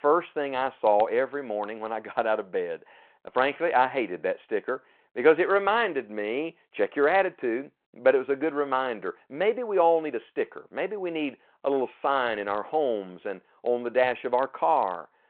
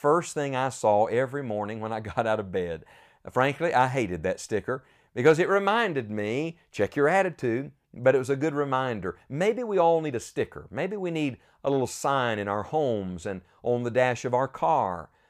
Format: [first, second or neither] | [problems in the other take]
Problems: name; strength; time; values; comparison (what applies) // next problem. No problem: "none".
second | phone-call audio